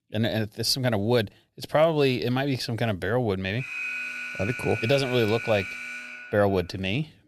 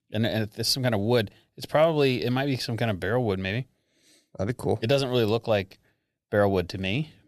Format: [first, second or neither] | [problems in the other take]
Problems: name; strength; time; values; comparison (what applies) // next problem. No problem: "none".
second | alarm; noticeable; from 3.5 to 6.5 s; peak 4 dB below the speech